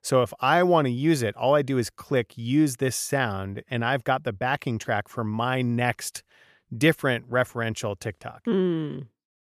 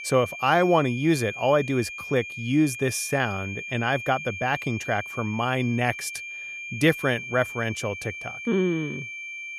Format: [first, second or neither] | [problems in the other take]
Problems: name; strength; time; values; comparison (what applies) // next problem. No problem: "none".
first | high-pitched whine; loud; throughout; 2.5 kHz, 9 dB below the speech